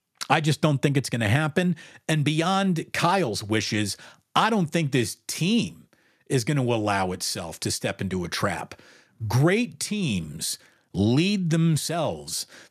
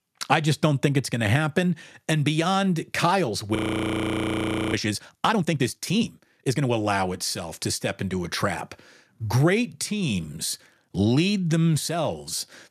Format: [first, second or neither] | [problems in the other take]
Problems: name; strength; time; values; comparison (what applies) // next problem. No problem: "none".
first | audio freezing; at 3.5 s for 1 s